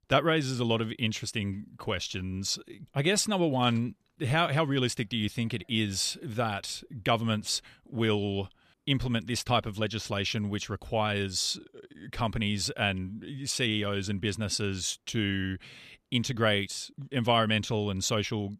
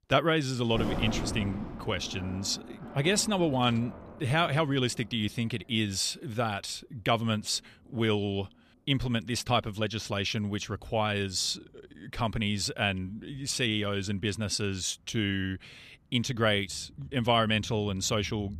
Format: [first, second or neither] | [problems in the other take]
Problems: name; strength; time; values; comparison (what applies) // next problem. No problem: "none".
first | rain or running water; noticeable; throughout; 10 dB below the speech